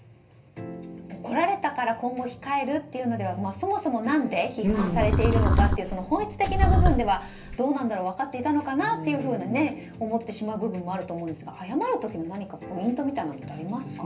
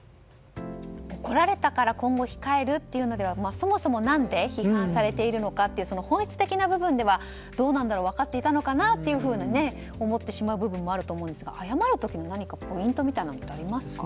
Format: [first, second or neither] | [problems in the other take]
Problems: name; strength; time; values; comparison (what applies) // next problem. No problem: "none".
second | background sound (Livestock, farm animals, working animals); 4 dB above the speech // room echo; dies away in 0.3 s